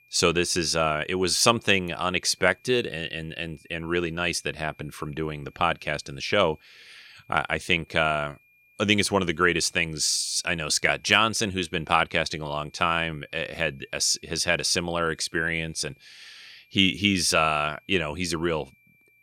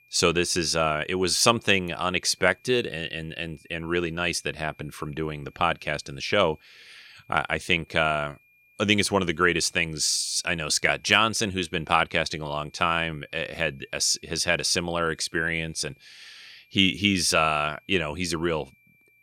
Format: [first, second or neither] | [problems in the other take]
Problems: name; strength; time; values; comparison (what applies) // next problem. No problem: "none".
neither | high-pitched whine; faint; throughout; 2.5 kHz, 35 dB below the speech; the same in both